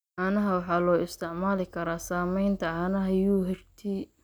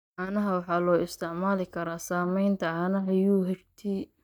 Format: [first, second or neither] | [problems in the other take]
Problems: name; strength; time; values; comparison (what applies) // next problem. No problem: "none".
first | noise reduction (neural mask model DeepFilterNet 3)